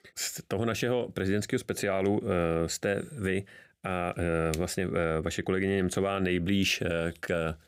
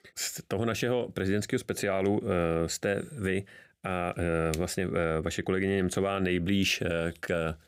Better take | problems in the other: neither | none

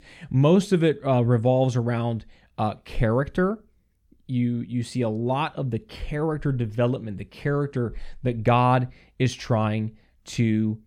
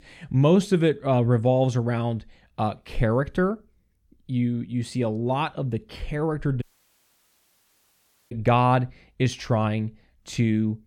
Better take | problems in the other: first | audio cutting out; at 6.5 s for 1.5 s

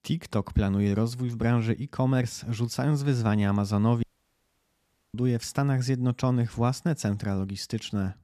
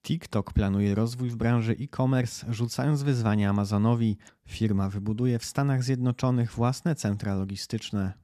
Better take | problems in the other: second | audio cutting out; at 4 s for 1 s

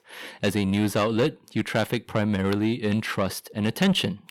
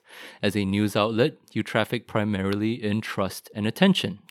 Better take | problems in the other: second | distortion; slight; 10 dB below the speech

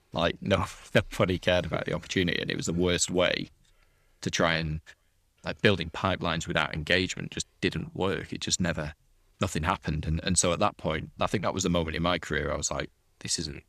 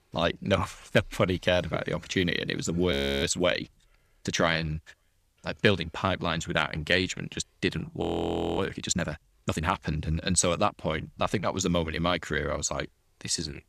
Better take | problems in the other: first | audio freezing; at 3 s and at 8 s for 0.5 s

